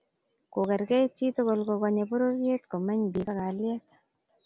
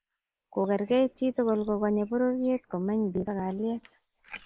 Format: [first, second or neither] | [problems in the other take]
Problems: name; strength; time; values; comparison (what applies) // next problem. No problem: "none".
first | noise reduction (neural mask model Resemble Enhance denoiser)